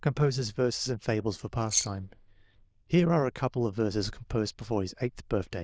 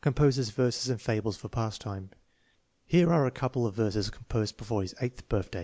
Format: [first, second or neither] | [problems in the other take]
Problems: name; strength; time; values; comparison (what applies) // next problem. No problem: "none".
second | noise reduction (neural diffusion model UNIVERSE++)